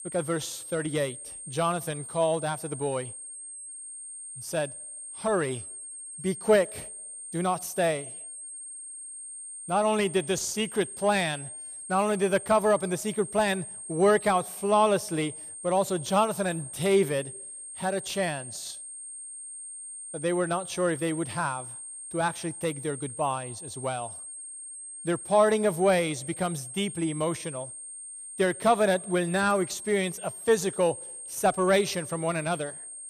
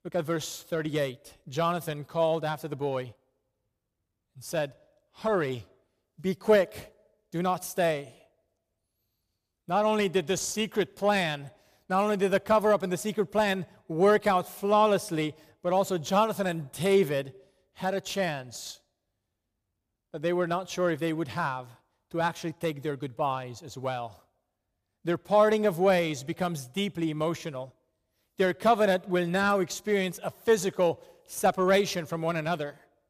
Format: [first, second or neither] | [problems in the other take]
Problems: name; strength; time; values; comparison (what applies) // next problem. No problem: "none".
second | high-pitched whine; noticeable; throughout; 8.5 kHz, 10 dB below the speech